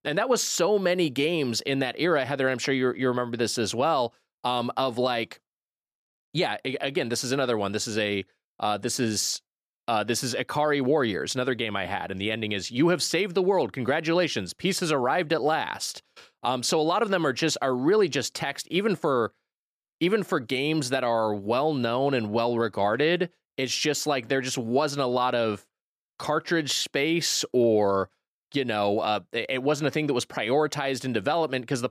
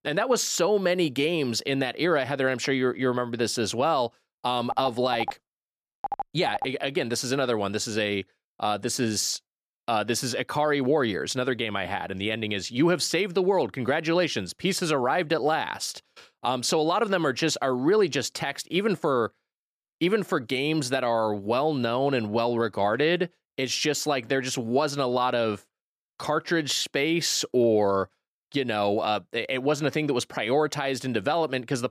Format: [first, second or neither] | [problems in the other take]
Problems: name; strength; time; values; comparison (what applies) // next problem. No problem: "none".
first | phone ringing; noticeable; from 4.5 to 6.5 s; peak 8 dB below the speech